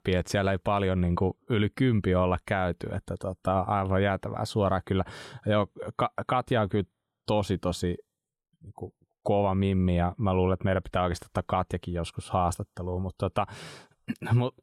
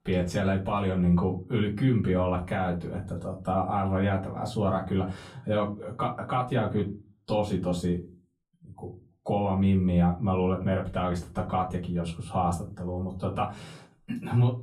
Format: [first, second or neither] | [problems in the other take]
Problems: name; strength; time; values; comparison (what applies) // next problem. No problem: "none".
first | off-mic speech; far // room echo; very slight; dies away in 0.3 s